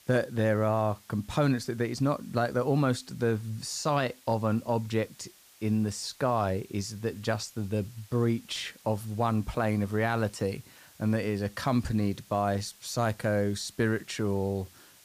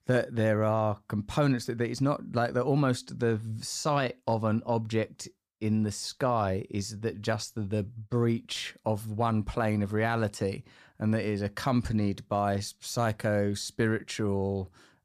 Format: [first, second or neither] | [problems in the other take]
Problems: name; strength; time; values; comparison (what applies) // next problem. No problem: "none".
second | hiss; faint; throughout; 25 dB below the speech